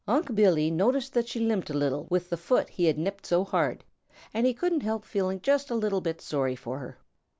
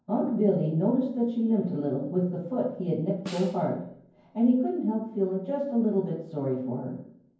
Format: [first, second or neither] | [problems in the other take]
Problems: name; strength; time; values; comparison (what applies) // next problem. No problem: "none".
first | background sound (Snare drum); 18 dB below the speech // room echo; dies away in 0.9 s